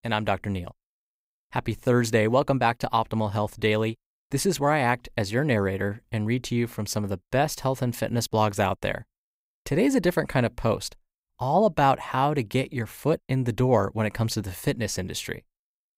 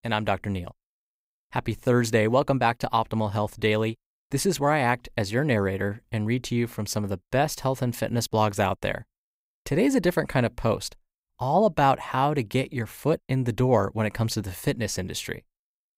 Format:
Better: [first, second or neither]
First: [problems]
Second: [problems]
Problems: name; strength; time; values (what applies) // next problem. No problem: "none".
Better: neither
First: none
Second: none